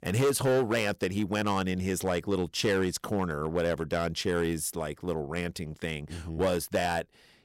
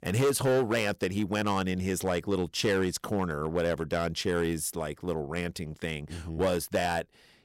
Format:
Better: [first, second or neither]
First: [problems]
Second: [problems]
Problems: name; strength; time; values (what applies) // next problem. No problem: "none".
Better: neither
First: distortion; slight; 5% of the sound clipped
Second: distortion; slight; 5% of the sound clipped